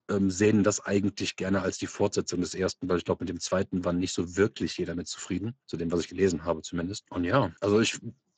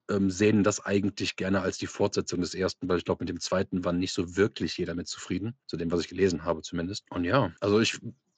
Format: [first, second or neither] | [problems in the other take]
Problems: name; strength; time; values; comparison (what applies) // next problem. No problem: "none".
second | garbled, watery; badly; nothing above 7.5 kHz; slightly in the second